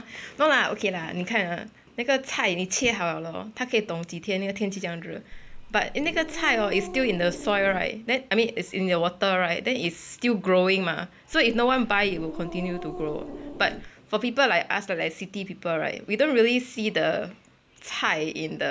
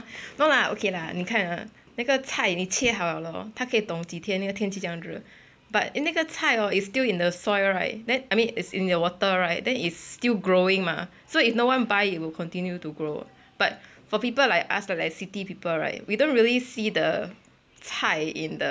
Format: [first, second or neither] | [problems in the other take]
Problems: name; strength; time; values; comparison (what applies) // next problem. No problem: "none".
second | background sound (Growling); 11 dB below the speech